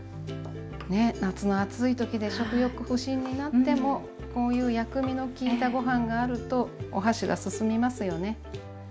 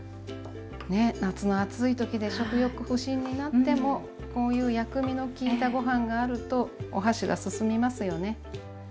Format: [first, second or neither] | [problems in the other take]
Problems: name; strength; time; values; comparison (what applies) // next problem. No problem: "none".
second | background sound (Keyboard (musical)); 20 dB below the speech